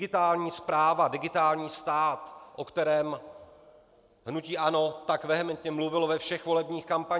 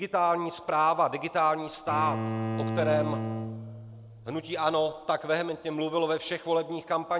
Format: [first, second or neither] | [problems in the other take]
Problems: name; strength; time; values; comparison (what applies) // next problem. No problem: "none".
first | background sound (Bowed string instrument); 5 dB below the speech